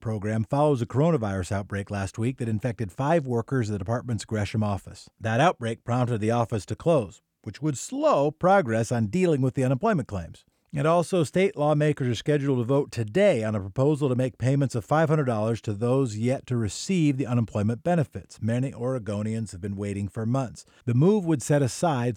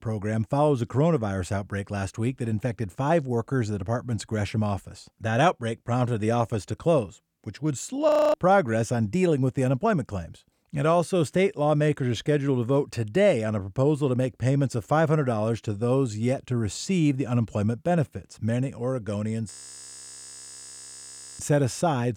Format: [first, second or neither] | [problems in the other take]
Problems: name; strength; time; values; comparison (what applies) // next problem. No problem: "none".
first | audio freezing; at 8 s and at 20 s for 2 s